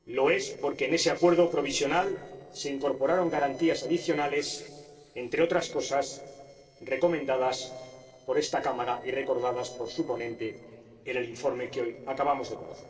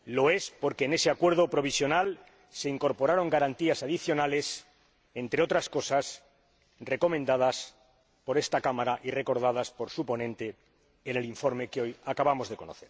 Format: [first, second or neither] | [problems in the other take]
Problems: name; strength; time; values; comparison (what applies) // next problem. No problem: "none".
second | noise reduction (neural separator model SepFormer DNS4)